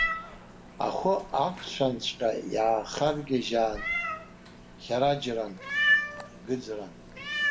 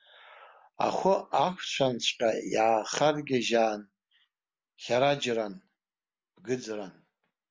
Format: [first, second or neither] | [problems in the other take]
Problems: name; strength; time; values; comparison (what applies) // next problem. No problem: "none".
second | background sound (Meow); 3 dB below the speech // room echo; dies away in 0.6 s